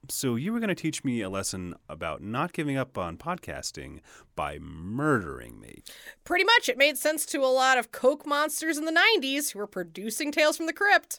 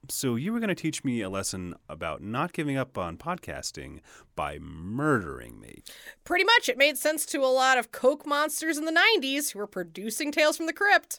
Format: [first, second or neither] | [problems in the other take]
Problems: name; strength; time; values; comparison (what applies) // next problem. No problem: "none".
neither | none